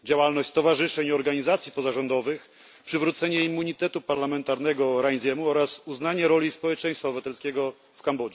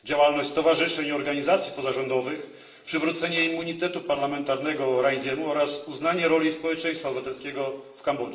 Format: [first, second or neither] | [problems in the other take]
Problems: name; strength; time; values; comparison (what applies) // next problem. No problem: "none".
first | room echo; dies away in 1.3 s